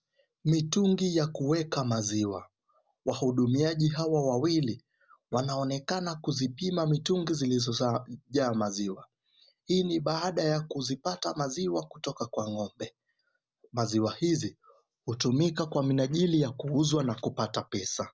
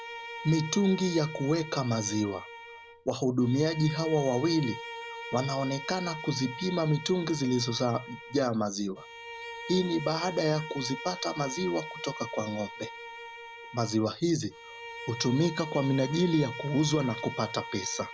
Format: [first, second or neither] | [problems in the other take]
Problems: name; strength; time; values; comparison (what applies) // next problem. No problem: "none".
first | background sound (Bowed string instrument); 12 dB below the speech